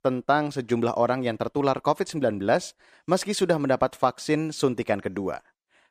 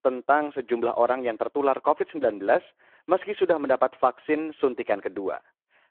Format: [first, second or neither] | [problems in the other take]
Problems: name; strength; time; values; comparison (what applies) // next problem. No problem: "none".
first | phone-call audio